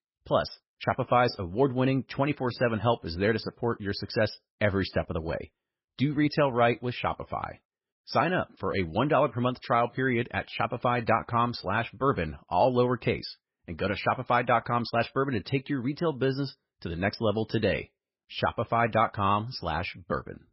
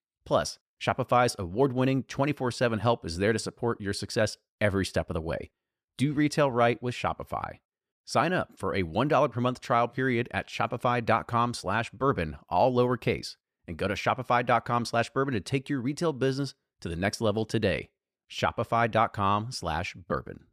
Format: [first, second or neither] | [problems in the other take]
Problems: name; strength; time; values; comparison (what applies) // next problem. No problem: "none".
second | garbled, watery; badly; nothing above 5.5 kHz